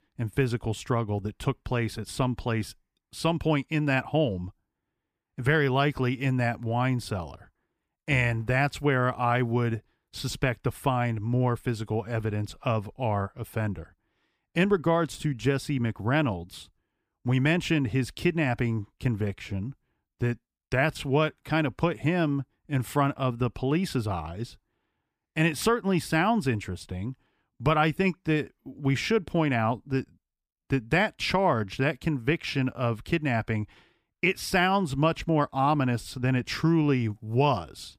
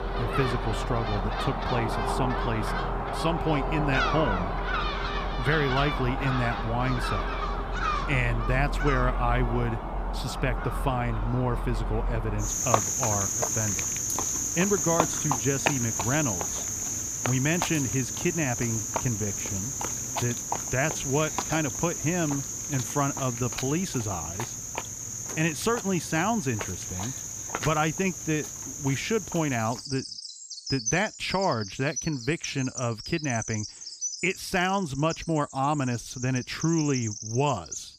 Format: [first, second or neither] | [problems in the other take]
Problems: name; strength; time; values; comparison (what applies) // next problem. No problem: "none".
first | animal sounds; loud; throughout; 1 dB below the speech